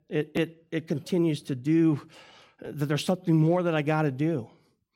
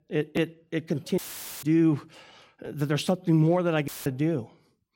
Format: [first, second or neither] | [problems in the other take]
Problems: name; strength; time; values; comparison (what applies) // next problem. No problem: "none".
first | audio cutting out; filled with static; at 1 s and at 4 s